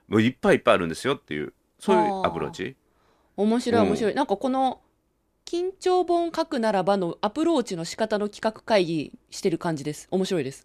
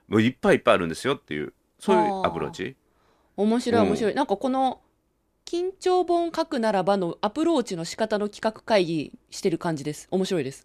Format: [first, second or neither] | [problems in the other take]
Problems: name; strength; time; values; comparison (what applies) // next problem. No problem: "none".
neither | none